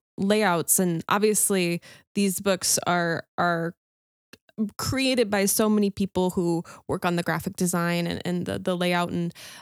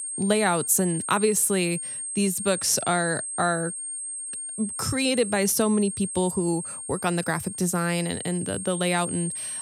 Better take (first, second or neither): first